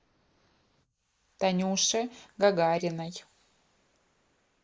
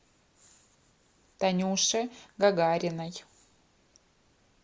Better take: second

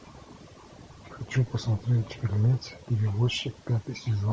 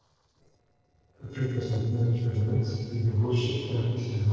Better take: first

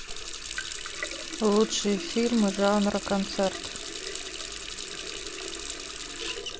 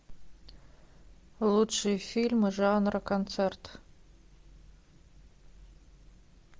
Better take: second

